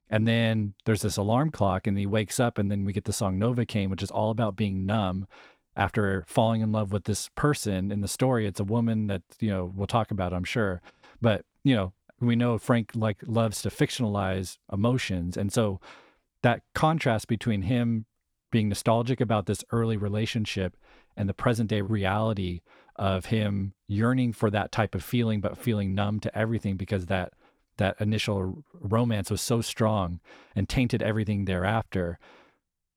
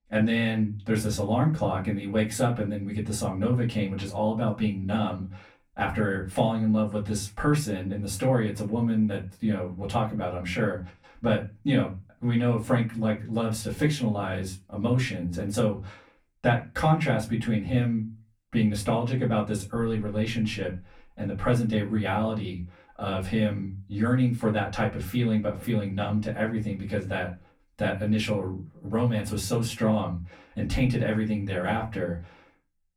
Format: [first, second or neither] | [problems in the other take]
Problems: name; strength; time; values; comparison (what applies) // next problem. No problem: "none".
first | off-mic speech; far // room echo; very slight; dies away in 0.2 s